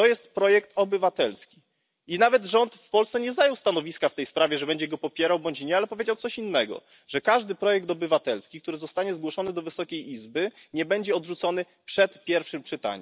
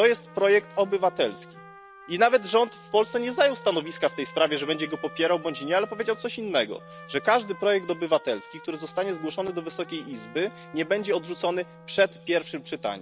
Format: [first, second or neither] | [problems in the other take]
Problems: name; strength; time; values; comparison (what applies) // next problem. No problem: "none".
first | background sound (Trumpet + Wind instrument, woodwind instrument); 19 dB below the speech